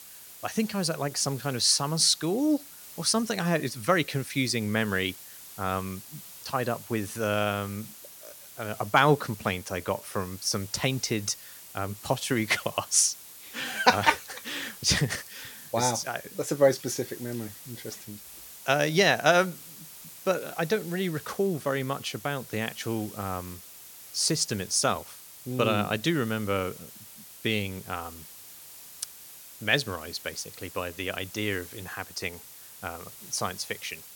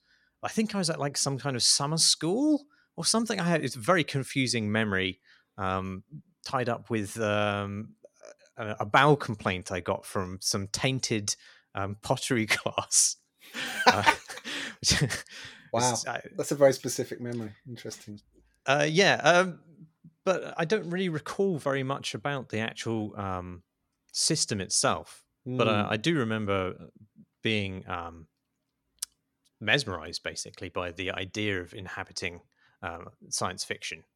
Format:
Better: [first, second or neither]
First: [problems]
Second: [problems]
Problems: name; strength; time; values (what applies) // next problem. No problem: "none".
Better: second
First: hiss; noticeable; throughout; 15 dB below the speech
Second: none